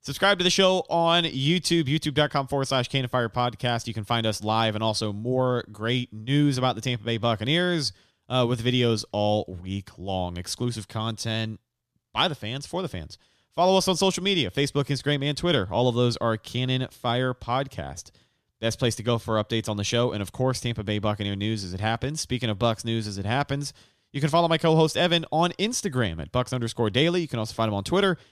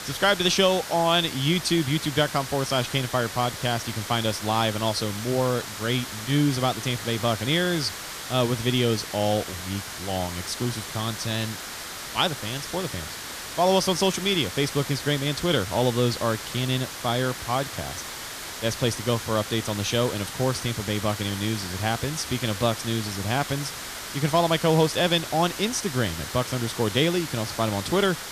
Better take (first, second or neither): first